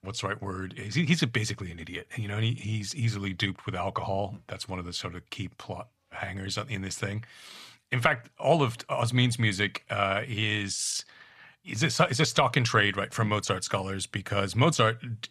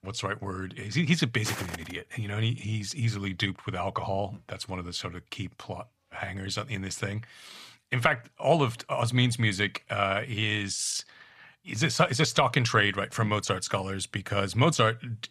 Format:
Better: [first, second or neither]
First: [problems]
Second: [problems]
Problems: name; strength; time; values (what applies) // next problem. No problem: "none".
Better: first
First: none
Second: footsteps; noticeable; at 1.5 s; peak 7 dB below the speech